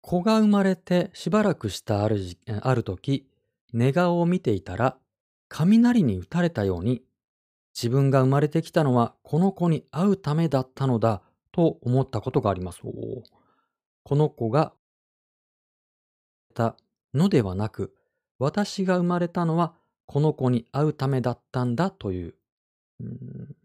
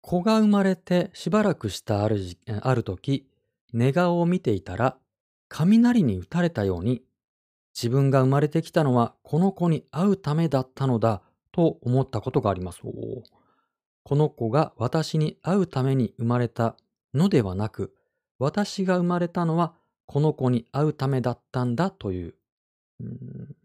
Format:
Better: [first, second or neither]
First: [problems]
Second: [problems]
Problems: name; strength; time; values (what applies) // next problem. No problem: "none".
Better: second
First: audio cutting out; at 15 s for 1.5 s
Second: none